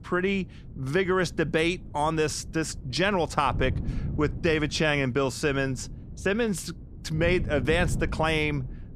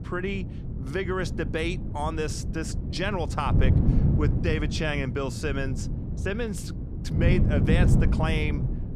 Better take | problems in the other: first | wind noise on the microphone; heavy; 7 dB below the speech; occasional gusts in the first

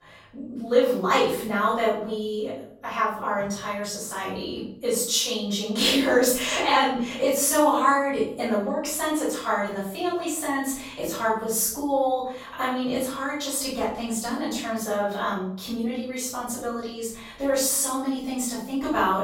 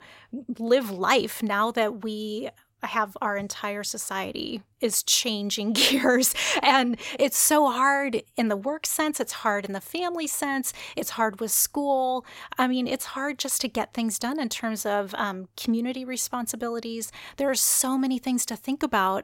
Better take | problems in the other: second | room echo; noticeable; dies away in 0.8 s // off-mic speech; far

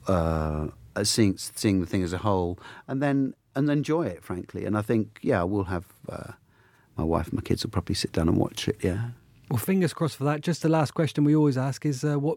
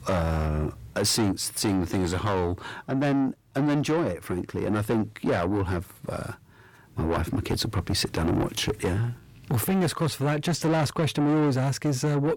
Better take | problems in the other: first | distortion; heavy; 7 dB below the speech

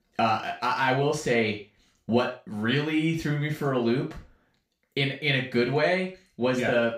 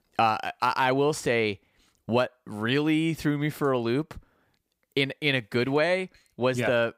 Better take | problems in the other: second | room echo; slight; dies away in 0.3 s // off-mic speech; far

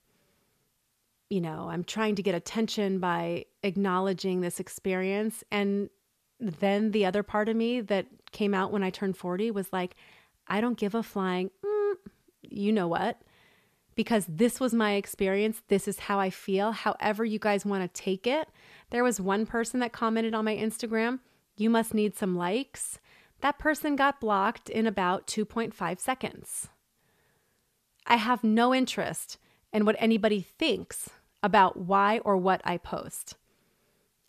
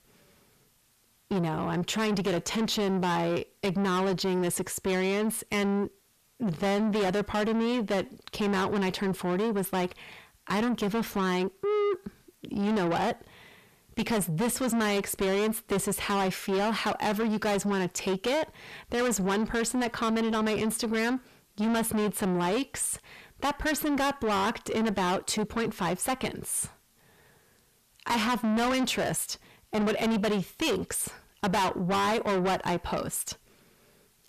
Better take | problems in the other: first | distortion; heavy; 6 dB below the speech

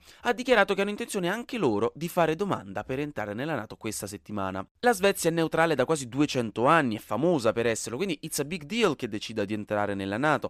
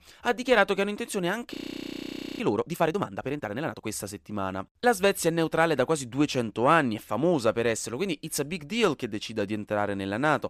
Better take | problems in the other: first | audio freezing; at 1.5 s for 1 s

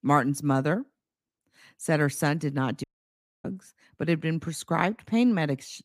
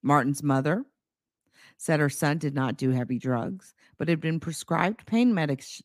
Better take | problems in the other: second | audio cutting out; at 3 s for 0.5 s

